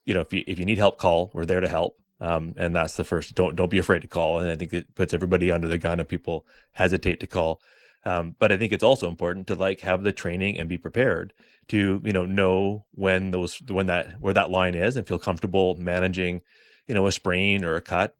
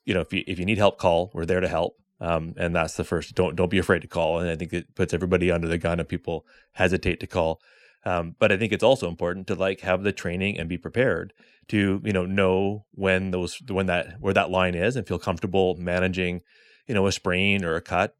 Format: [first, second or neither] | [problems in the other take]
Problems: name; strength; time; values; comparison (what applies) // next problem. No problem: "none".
second | garbled, watery; slightly; nothing above 17 kHz